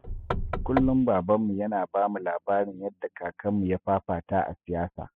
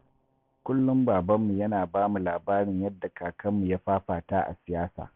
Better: second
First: noise reduction (classical method spectral subtraction)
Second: none

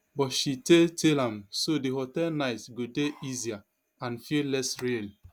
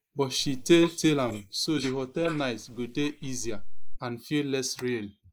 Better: first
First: none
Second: noise reduction (neural mask model Resemble Enhance denoiser)

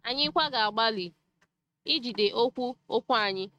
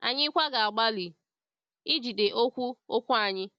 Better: second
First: noise reduction (neural mask model RNNoise)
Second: none

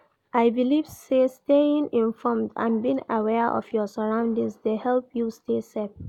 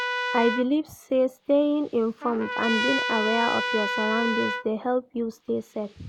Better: first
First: none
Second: background sound (Trumpet); 5 dB below the speech

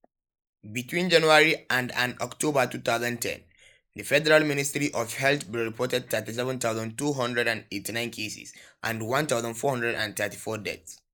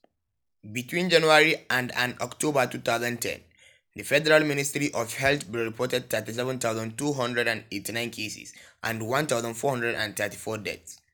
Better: second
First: noise reduction (neural mask model Resemble Enhance denoiser)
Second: none

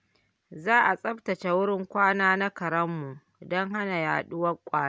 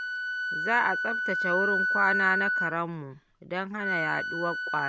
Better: first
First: none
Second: background sound (Wind instrument, woodwind instrument); 1 dB above the speech

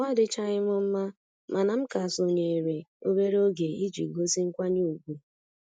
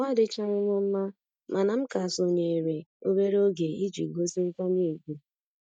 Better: first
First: none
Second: noise reduction (neural mask model DeepFilterNet 3)

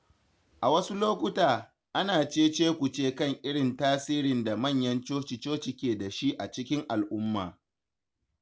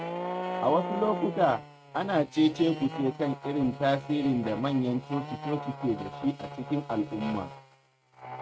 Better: first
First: none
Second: noise reduction (neural mask model RNNoise)

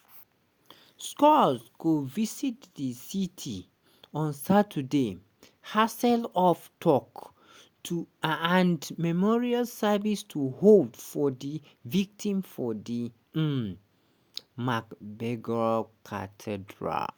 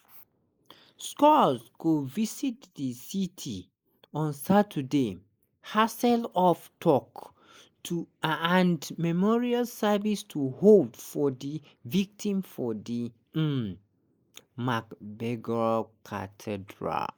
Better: first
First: none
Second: noise reduction (neural mask model Resemble Enhance denoiser)

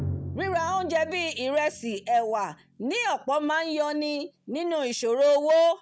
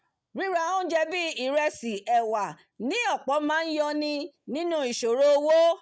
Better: second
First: background sound (Drum); 15 dB below the speech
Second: none

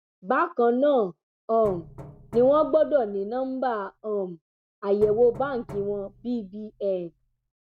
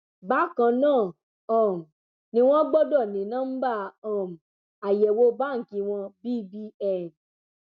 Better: second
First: background sound (Knock); 20 dB below the speech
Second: none

